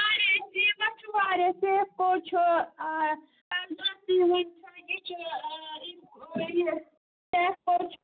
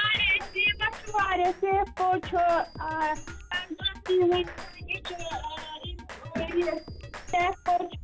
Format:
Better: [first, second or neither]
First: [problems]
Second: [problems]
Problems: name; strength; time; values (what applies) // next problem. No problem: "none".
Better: first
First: none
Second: background sound (Drum kit); 13 dB below the speech